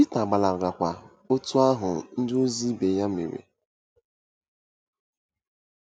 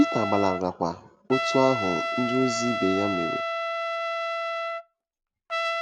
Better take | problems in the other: first | background sound (Trumpet); 2 dB below the speech

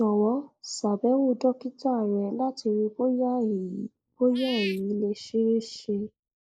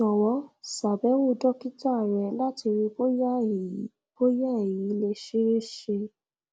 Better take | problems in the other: second | noise reduction (neural mask model Resemble Enhance denoiser)

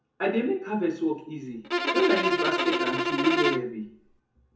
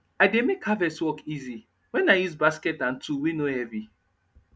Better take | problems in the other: second | background sound (Bowed string instrument); 2 dB above the speech // room echo; dies away in 0.6 s

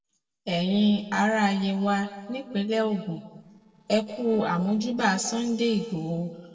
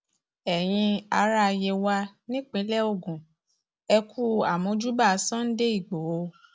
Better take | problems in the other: second | noise reduction (neural separator model SepFormer DNS4)

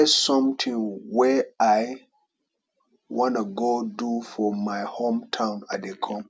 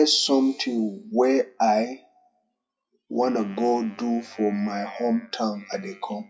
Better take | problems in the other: first | noise reduction (classical method WPE with log-MMSE)

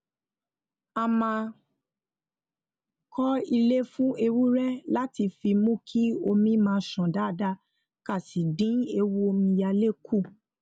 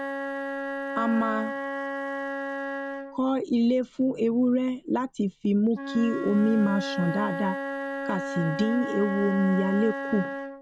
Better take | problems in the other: first | background sound (Wind instrument, woodwind instrument); 7 dB below the speech

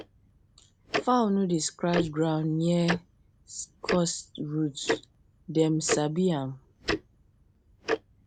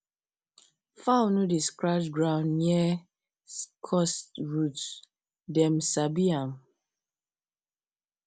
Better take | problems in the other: second | background sound (Tick-tock); 7 dB below the speech

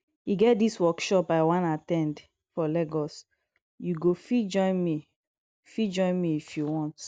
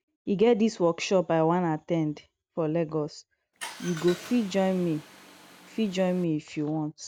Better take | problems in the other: first | background sound (Car); 17 dB below the speech

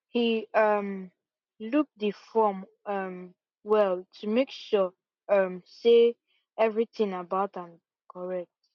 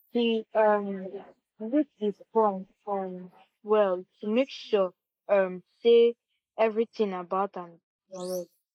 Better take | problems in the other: first | noise reduction (neural mask model Resemble Enhance denoiser)

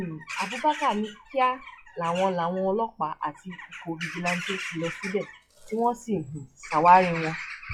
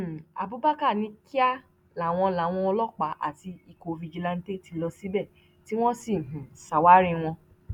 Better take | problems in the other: second | noise reduction (classical method log-MMSE)

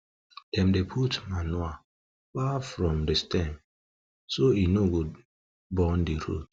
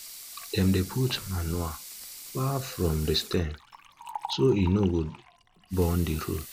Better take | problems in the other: first | background sound (Sink (filling or washing) / Water tap, faucet / Liquid + Liquid); 15 dB below the speech

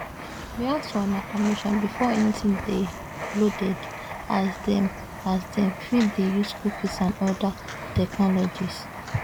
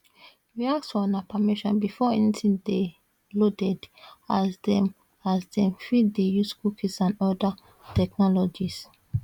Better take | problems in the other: second | background sound (Writing + Walk, footsteps); 9 dB below the speech

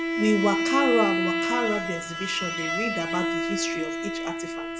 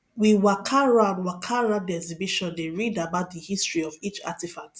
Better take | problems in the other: second | background sound (Bowed string instrument); 1 dB above the speech

